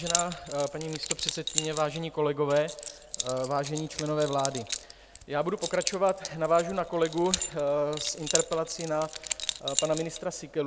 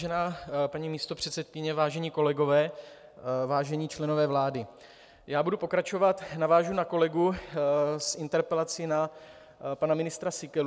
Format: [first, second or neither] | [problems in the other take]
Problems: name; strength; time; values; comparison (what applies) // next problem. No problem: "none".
second | background sound (Keys jangling); 6 dB below the speech